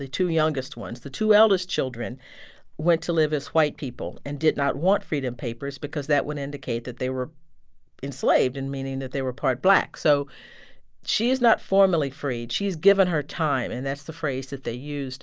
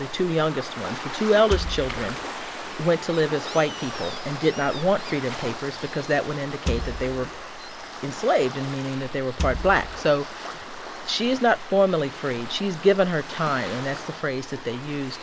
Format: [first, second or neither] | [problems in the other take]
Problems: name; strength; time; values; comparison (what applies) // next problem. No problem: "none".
first | background sound (Waves, surf + Wood); 9 dB below the speech